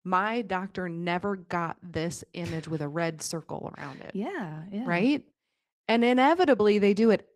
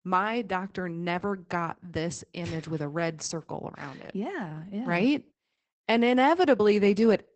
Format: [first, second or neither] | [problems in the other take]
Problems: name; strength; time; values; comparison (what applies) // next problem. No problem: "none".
first | garbled, watery; badly; nothing above 8 kHz; slightly in the first